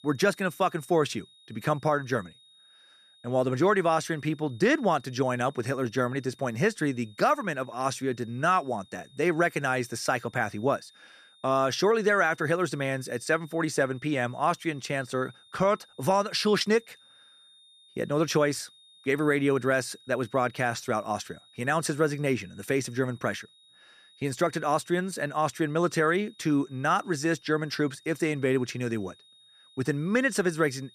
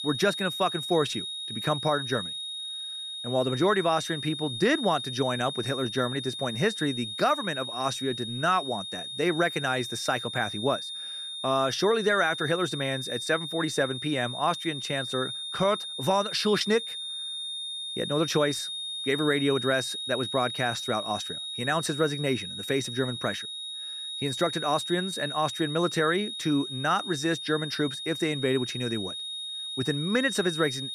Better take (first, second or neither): first